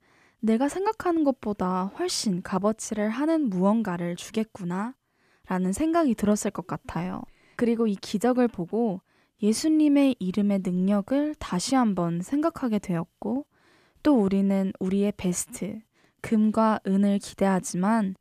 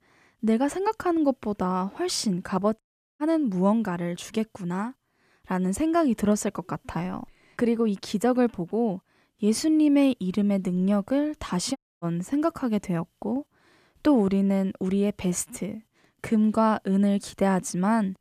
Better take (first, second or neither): first